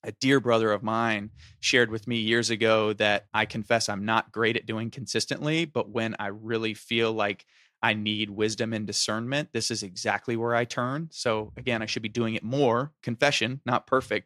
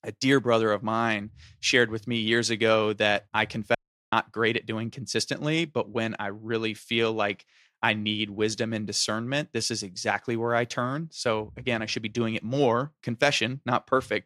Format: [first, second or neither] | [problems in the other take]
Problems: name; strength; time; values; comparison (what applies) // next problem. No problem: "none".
first | audio cutting out; at 4 s